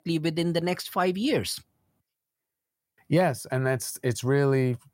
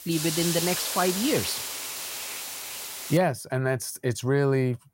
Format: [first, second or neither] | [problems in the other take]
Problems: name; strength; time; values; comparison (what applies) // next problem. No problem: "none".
first | hiss; loud; until 3 s; 3 dB below the speech